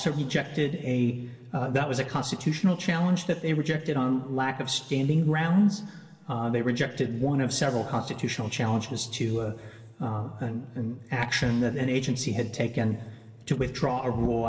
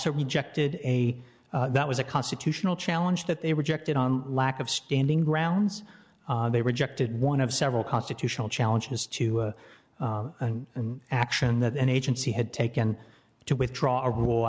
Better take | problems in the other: second | room echo; dies away in 2.2 s

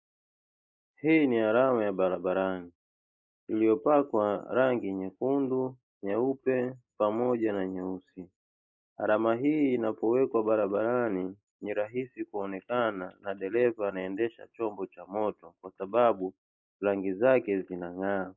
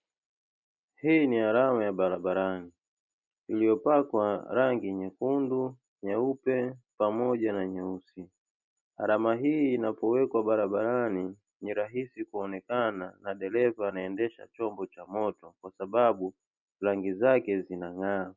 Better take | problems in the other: second | noise reduction (neural mask model Resemble Enhance denoiser)

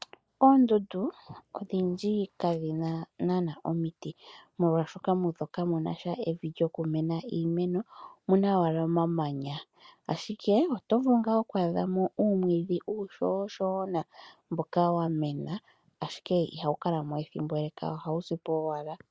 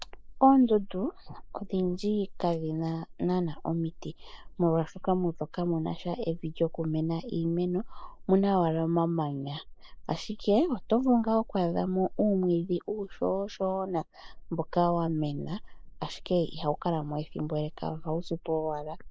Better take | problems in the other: first | noise reduction (neural mask model Resemble Enhance denoiser)

